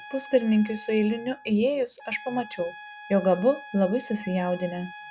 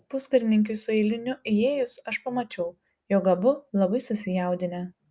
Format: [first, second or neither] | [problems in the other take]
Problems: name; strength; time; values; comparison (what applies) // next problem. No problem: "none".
second | background sound (Trumpet); 18 dB below the speech